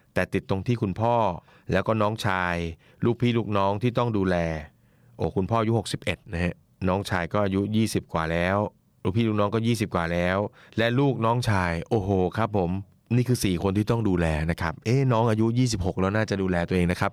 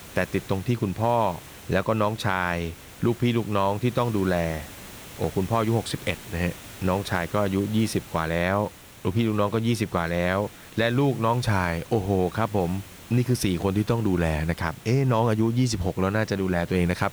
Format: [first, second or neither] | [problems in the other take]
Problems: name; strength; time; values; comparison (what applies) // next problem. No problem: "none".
first | hiss; noticeable; throughout; 20 dB below the speech